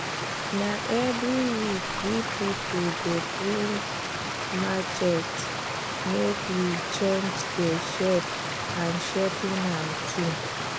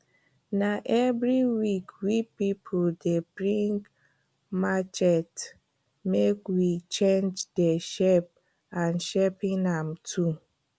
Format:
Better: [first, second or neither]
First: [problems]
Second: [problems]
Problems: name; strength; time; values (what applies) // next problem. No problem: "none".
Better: second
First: background sound (Stream); 2 dB below the speech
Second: none